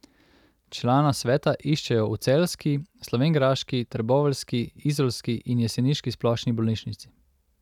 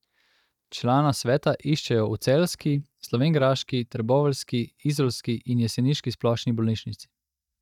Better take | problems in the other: first | noise reduction (neural mask model DeepFilterNet 3)

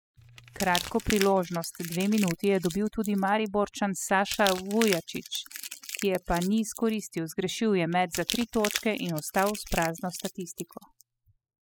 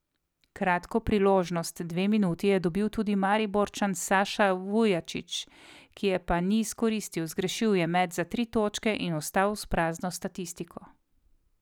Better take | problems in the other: second | noise reduction (classical method spectral subtraction)

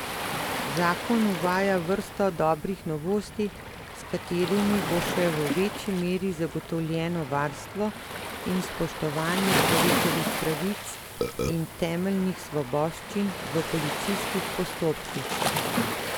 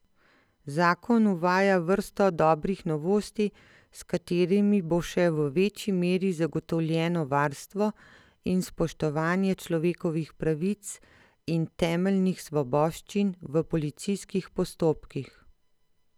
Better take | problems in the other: second | background sound (Waves, surf + Burping, eructation); 3 dB below the speech

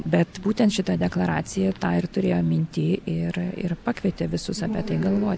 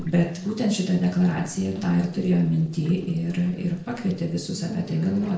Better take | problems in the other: first | noise reduction (neural separator model SepFormer DNS4)

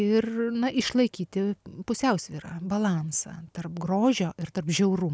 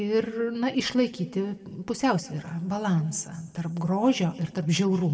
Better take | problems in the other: first | room echo; dies away in 1.2 s

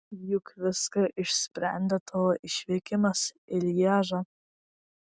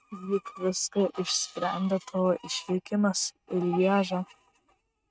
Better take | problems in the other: first | noise reduction (neural mask model RNNoise)

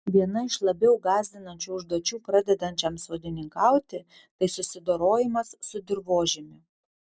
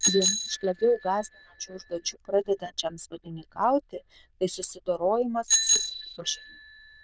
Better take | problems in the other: first | noise reduction (neural diffusion model UNIVERSE++)

